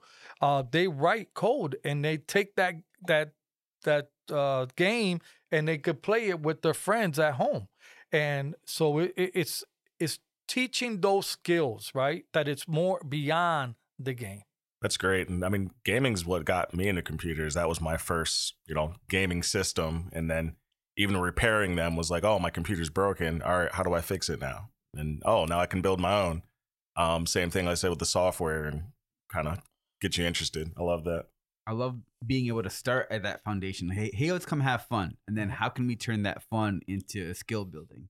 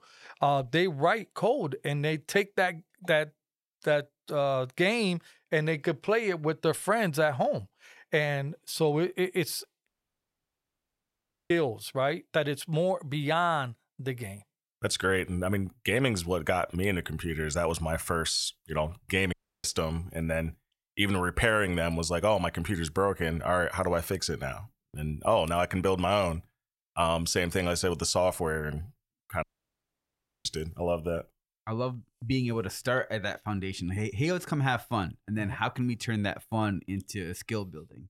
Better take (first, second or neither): first